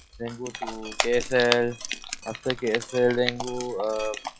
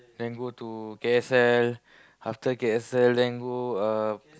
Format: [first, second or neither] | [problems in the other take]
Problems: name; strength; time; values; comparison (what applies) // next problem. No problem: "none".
second | noise reduction (classical method log-MMSE)